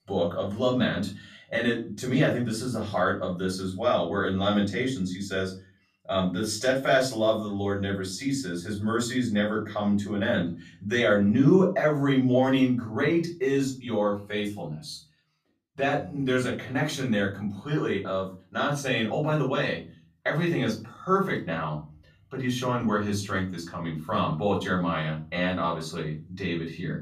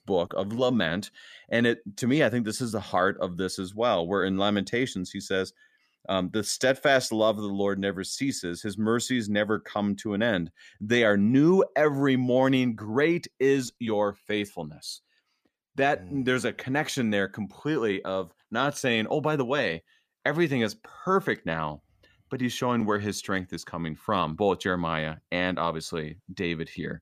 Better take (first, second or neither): second